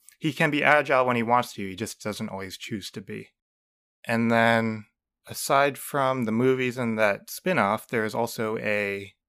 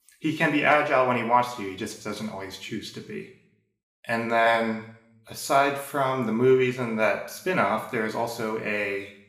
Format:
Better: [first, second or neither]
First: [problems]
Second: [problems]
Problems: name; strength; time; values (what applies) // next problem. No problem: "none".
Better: first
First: none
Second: room echo; slight; dies away in 0.6 s // off-mic speech; somewhat distant